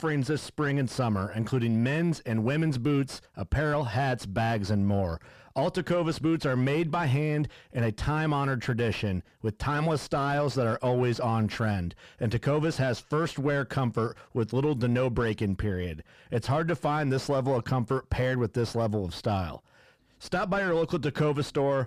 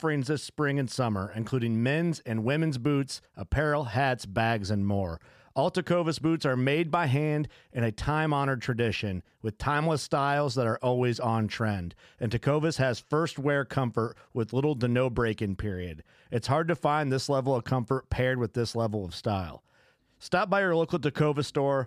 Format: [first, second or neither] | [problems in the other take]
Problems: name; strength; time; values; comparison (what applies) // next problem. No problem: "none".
second | distortion; slight; 10 dB below the speech